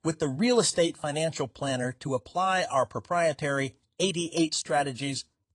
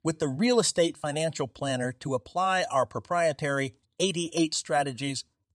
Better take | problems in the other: second | garbled, watery; slightly

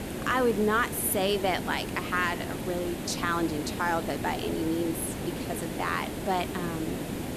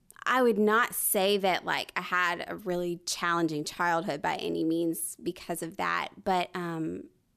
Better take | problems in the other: second | hiss; loud; throughout; 5 dB below the speech

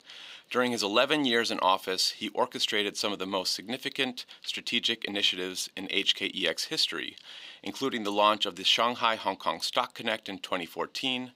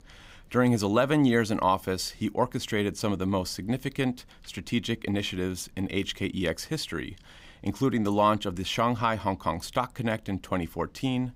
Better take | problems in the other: second | thin; somewhat; fading below 350 Hz

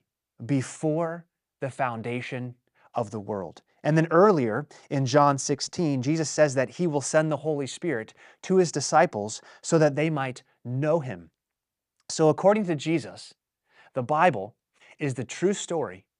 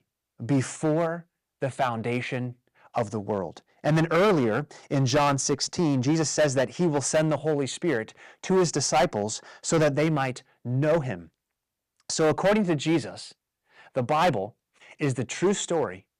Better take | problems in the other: first | distortion; heavy; 7% of the sound clipped

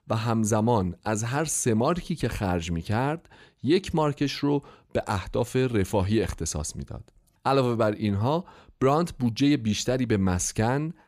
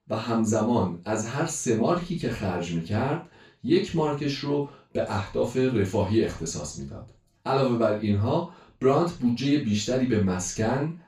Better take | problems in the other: first | room echo; noticeable; dies away in 0.2 s // off-mic speech; far

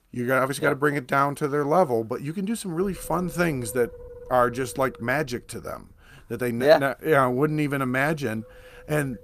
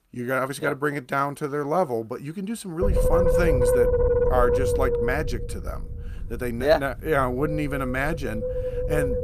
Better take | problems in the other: first | wind noise on the microphone; heavy; from 3 s on; 1 dB above the speech; occasional gusts in the first

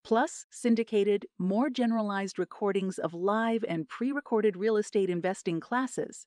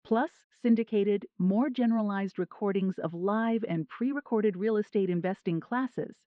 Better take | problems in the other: first | muffled; slightly; fading above 3.5 kHz

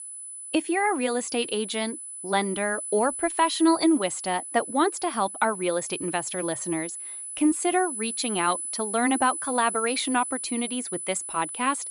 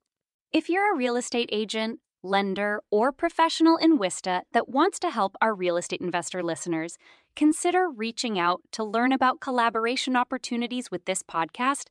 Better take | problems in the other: second | high-pitched whine; loud; throughout; 10 kHz, 6 dB below the speech

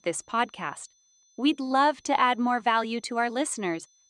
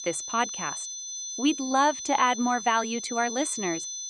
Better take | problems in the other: first | high-pitched whine; loud; throughout; 6 kHz, 7 dB below the speech; faint in the first

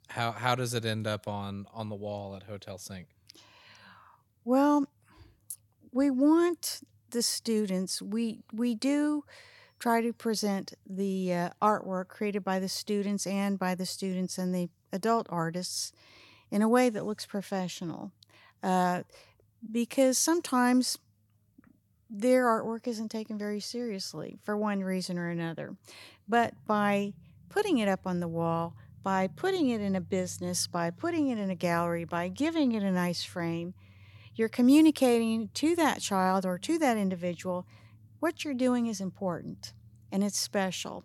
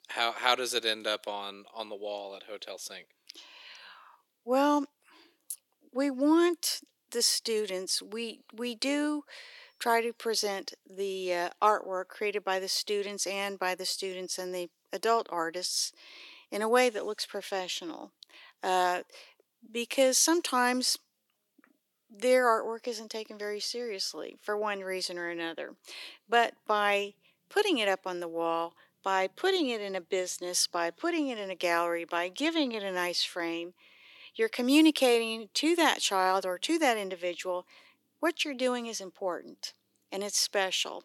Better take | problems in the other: first | thin; somewhat; fading below 350 Hz

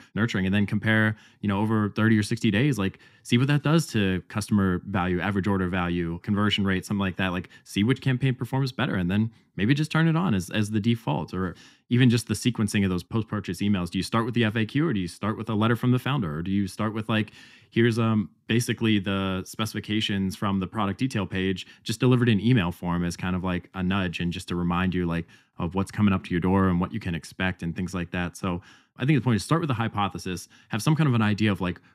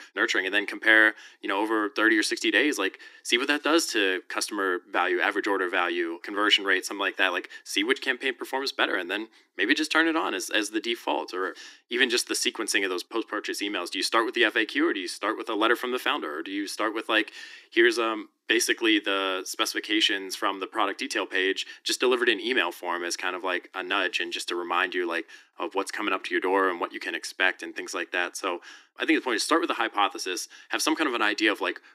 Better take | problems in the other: first | thin; very; fading below 300 Hz

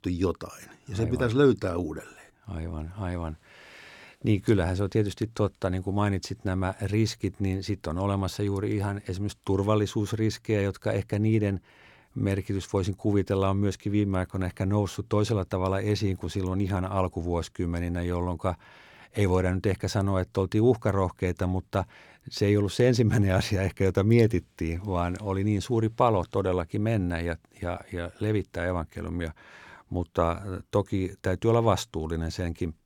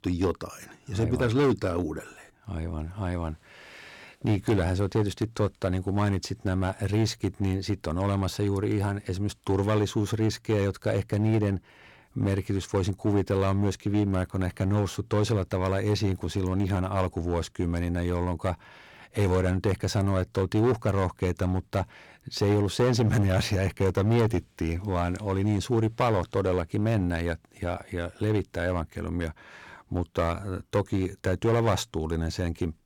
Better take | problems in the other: first | distortion; slight; 5% of the sound clipped

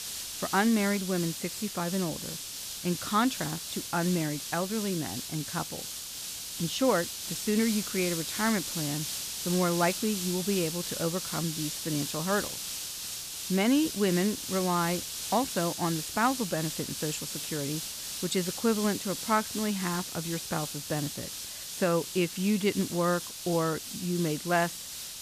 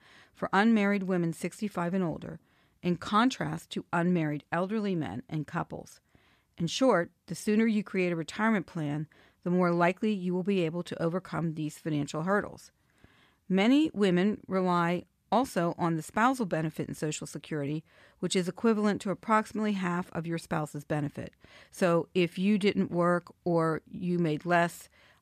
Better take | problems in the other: second | hiss; loud; throughout; 4 dB below the speech

